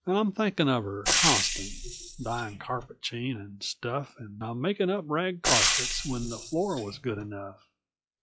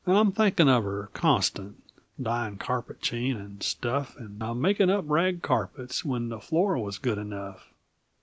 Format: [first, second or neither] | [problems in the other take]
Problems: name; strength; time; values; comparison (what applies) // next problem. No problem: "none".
second | noise reduction (classical method log-MMSE)